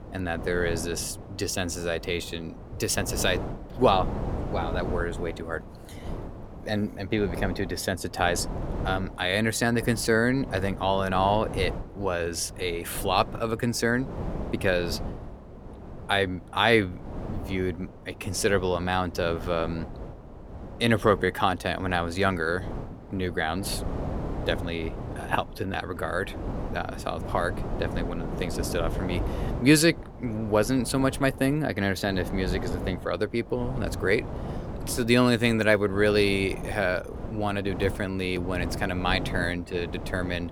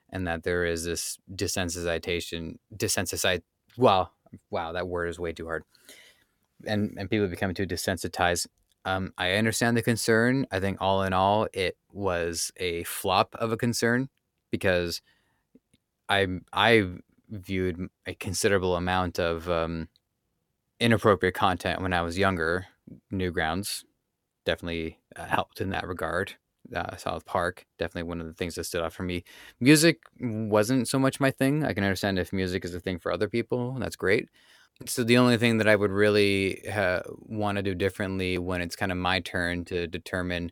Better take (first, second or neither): second